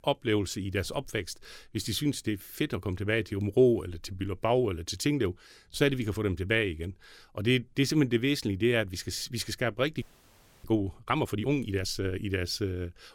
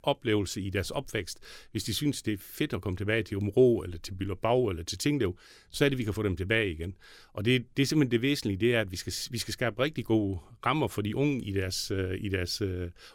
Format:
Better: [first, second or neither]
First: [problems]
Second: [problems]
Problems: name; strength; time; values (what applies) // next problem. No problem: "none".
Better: second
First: audio freezing; at 10 s for 0.5 s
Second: none